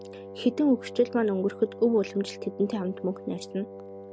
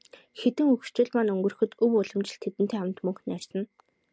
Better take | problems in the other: second | background sound (Wind instrument, woodwind instrument); 14 dB below the speech

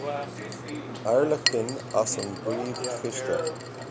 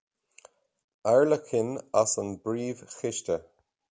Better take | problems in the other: second | background sound (Chink, clink); 3 dB below the speech

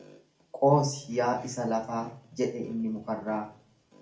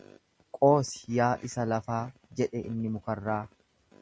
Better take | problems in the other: second | room echo; dies away in 0.4 s

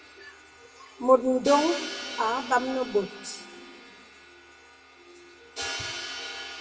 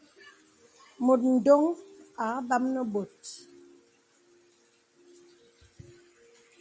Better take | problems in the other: second | background sound (Crash cymbal); 10 dB below the speech // room echo; dies away in 1.4 s

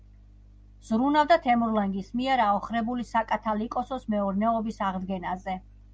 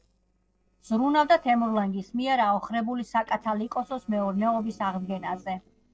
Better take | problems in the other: first | noise reduction (neural separator model SepFormer DNS4)

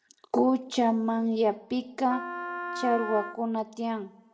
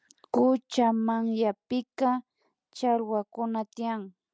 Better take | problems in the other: second | background sound (Wind instrument, woodwind instrument); 8 dB below the speech // room echo; dies away in 1.2 s

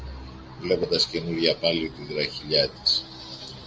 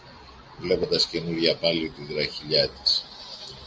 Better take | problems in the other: second | background sound (Musical instrument); 18 dB below the speech

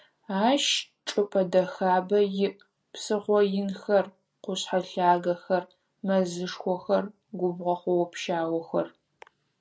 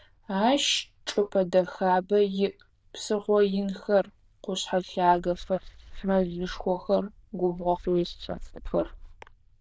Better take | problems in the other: first | noise reduction (neural diffusion model UNIVERSE++)

